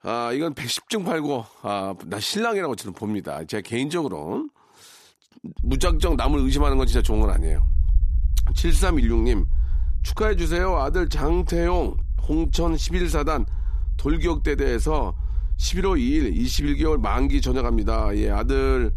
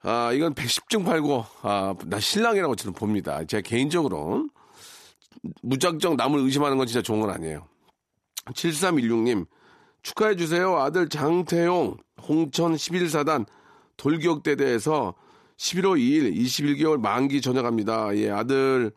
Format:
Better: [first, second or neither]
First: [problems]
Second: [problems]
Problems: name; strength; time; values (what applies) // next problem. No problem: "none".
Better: second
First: low rumble; faint; from 5.5 s on; 20 dB below the speech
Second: none